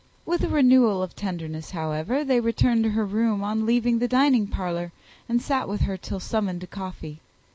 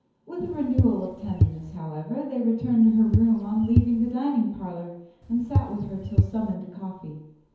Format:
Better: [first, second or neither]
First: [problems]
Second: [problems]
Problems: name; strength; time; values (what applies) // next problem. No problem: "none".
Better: first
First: none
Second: background sound (Walk, footsteps / Bird vocalization, bird call, bird song); 2 dB below the speech // room echo; dies away in 0.9 s